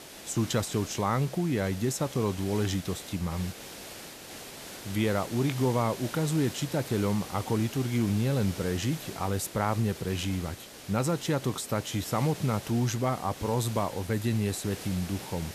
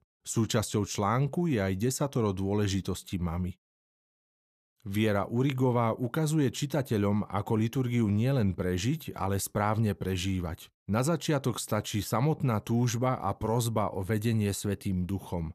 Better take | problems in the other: second | hiss; noticeable; throughout; 10 dB below the speech

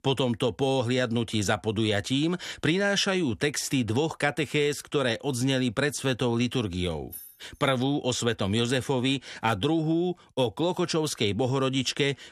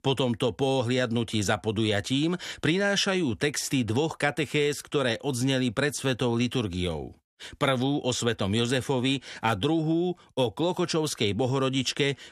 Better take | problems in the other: second | jangling keys; faint; at 7 s; peak 15 dB below the speech

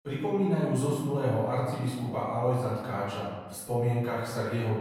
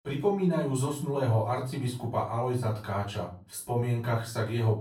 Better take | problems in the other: second | room echo; strong; dies away in 1.2 s; slight in the second // off-mic speech; far; far in the second

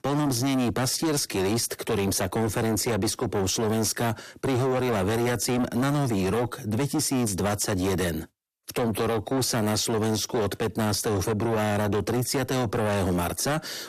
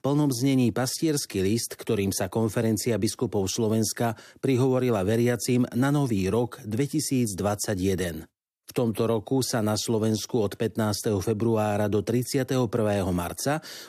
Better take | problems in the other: second | distortion; heavy; 6 dB below the speech

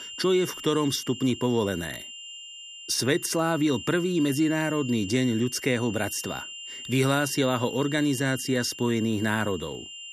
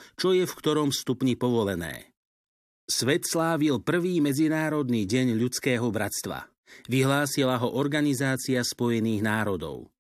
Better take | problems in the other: second | high-pitched whine; noticeable; throughout; 3 kHz, 10 dB below the speech

